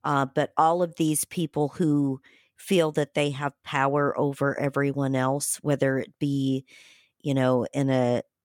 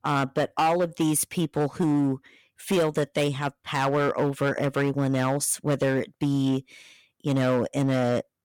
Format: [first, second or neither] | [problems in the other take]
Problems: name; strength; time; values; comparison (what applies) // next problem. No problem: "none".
first | distortion; slight; 10% of the sound clipped